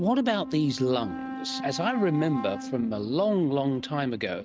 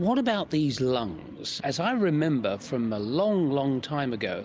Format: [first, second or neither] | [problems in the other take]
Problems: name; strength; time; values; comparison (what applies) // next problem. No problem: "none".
second | noise reduction (neural mask model RNNoise)